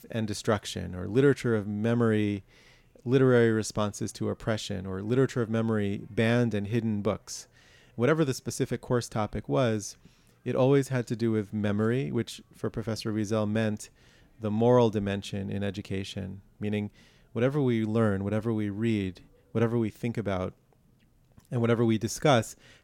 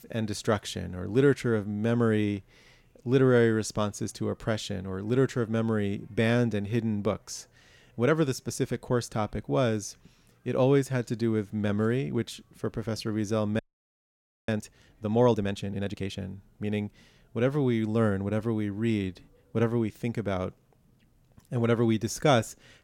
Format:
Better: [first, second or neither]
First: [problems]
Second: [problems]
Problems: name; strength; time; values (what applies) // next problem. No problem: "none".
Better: first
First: none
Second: audio freezing; at 14 s for 1 s